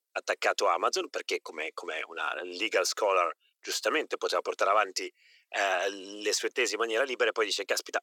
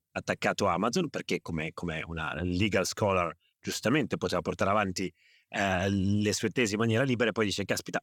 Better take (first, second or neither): second